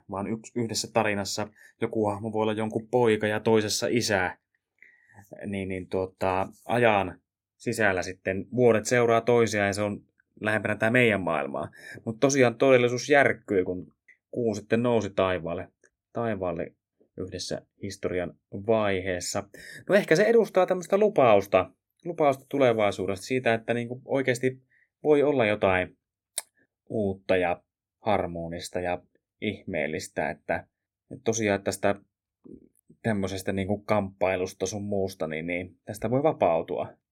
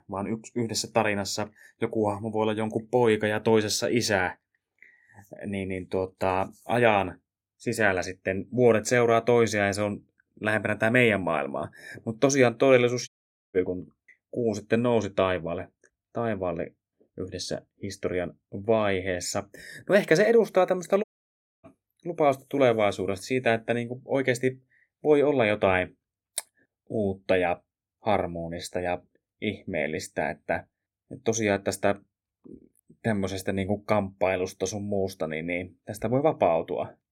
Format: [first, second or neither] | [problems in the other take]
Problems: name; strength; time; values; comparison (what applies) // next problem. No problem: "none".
first | audio cutting out; at 13 s and at 21 s for 0.5 s